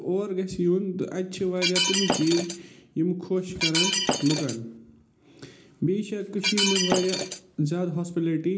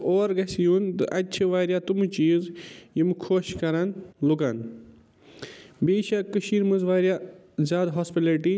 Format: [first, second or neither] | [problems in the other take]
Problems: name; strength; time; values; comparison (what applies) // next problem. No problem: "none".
second | background sound (Shatter); as loud as the speech // room echo; dies away in 0.4 s